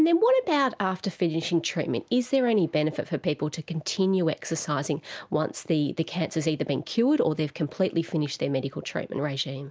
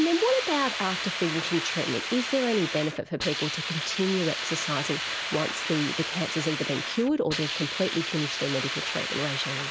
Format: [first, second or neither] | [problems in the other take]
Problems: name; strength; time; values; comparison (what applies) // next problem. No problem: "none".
first | background sound (Hiss); 3 dB below the speech